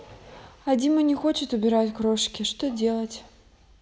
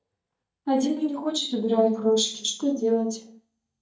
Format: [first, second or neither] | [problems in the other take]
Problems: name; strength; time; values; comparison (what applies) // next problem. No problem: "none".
first | noise reduction (neural mask model DeepFilterNet 3)